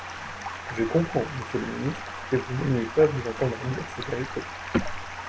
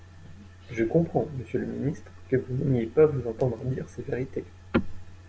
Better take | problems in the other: second | background sound (Stream); 9 dB below the speech

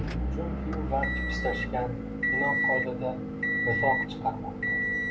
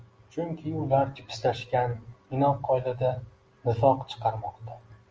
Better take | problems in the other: second | background sound (Motor vehicle (road) / Engine); 4 dB above the speech // room echo; dies away in 0.2 s

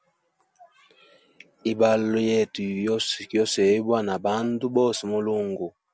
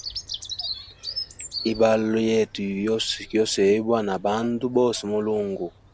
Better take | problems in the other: first | background sound (Bird vocalization, bird call, bird song); 14 dB below the speech

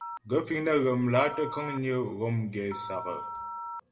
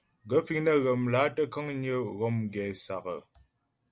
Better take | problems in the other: second | background sound (Telephone); 11 dB below the speech // room echo; dies away in 0.8 s

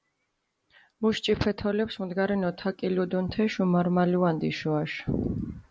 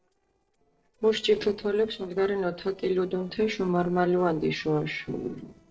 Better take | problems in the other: first | noise reduction (neural separator model SepFormer DNS4)

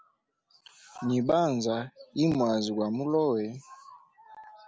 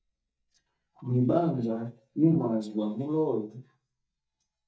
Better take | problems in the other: first | noise reduction (neural mask model DeepFilterNet 3)

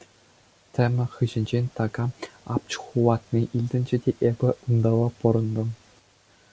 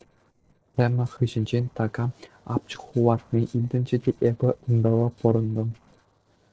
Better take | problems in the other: first | noise reduction (neural separator model SepFormer DNS4)

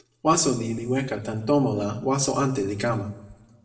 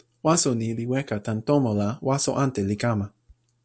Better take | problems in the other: second | room echo; dies away in 0.7 s

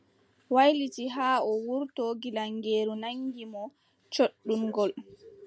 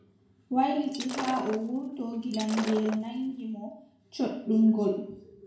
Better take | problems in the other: first | background sound (Shatter); 11 dB below the speech // room echo; dies away in 0.6 s

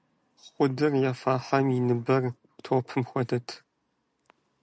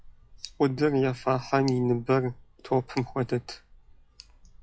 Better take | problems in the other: first | noise reduction (classical method log-MMSE)

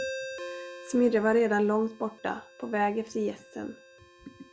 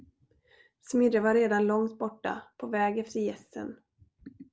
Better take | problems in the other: second | background sound (Ringtone); 14 dB below the speech

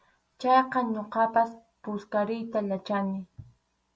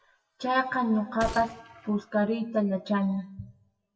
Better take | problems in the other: first | noise reduction (classical method WPE with log-MMSE)

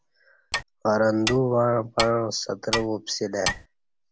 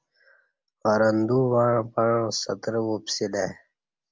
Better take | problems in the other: second | background sound (Clock); 8 dB below the speech

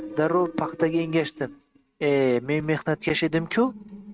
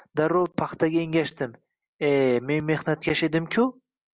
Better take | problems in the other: second | noise reduction (neural mask model RNNoise)

